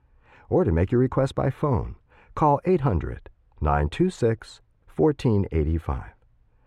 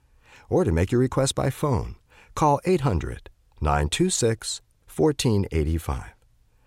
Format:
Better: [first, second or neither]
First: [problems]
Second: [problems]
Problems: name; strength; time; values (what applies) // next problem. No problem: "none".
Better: second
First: muffled; very; fading above 3.5 kHz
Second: none